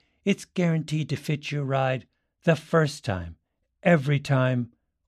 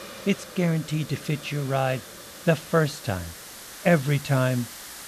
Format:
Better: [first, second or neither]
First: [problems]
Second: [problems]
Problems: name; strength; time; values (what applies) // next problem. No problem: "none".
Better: first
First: none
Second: hiss; noticeable; throughout; 15 dB below the speech